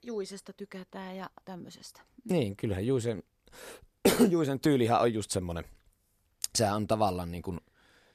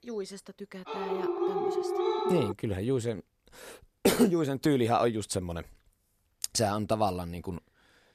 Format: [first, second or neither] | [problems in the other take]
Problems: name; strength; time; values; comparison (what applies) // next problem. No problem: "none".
first | dog barking; loud; from 1 to 2.5 s; peak 1 dB above the speech